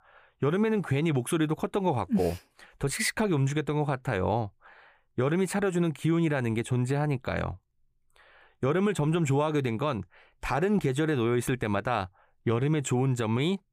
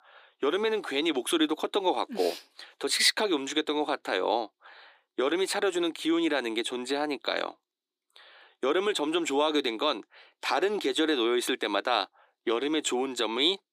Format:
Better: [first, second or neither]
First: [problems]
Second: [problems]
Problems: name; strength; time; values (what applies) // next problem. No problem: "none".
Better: first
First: none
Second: thin; somewhat; fading below 300 Hz